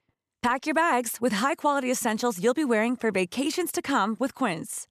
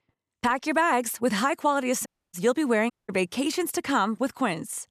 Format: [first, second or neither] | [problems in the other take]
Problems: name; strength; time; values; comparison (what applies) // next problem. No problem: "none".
first | audio cutting out; at 2 s and at 3 s